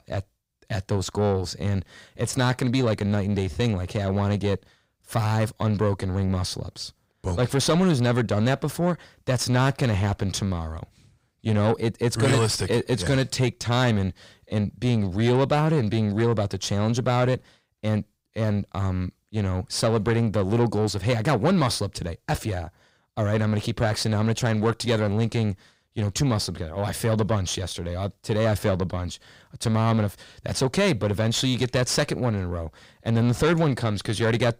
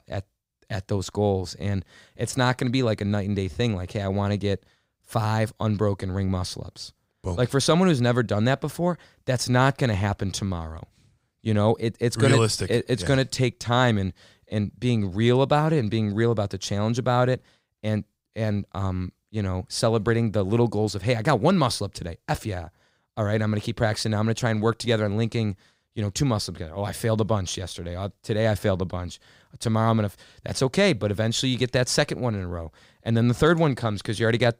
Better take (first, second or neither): second